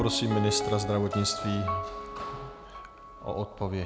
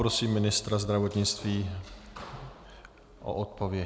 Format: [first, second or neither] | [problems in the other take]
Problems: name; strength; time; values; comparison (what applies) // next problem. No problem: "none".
second | background sound (Piano); 5 dB below the speech